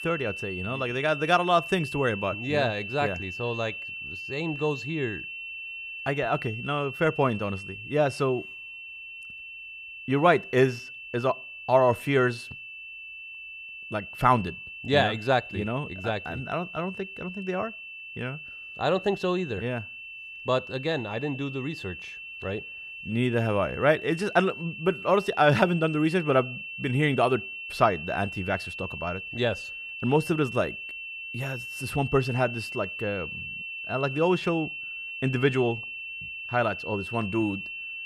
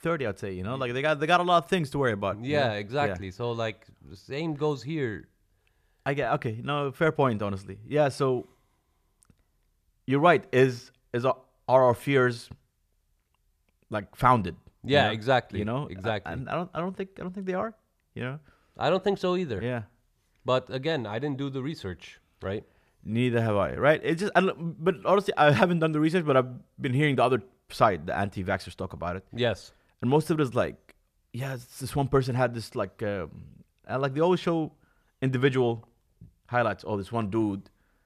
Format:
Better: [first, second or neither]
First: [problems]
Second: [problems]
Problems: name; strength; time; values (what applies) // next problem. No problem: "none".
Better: second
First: high-pitched whine; loud; throughout; 2.5 kHz, 9 dB below the speech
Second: none